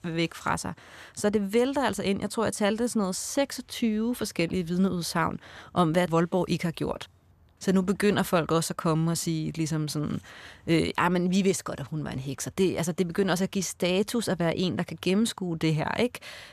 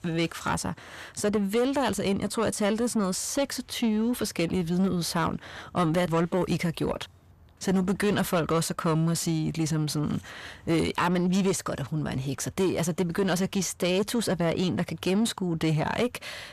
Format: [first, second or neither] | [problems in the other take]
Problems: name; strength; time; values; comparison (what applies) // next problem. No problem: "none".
first | distortion; slight; 10 dB below the speech